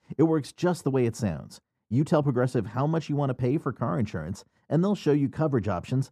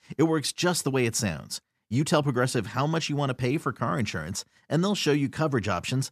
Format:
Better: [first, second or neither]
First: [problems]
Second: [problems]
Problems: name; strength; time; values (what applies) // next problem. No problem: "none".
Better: second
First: muffled; slightly; fading above 1.5 kHz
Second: none